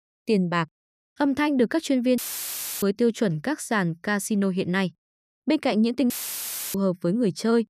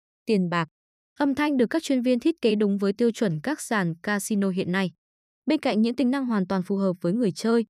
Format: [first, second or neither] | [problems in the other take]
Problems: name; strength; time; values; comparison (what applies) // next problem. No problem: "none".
second | audio cutting out; filled with static; at 2 s for 0.5 s and at 6 s for 0.5 s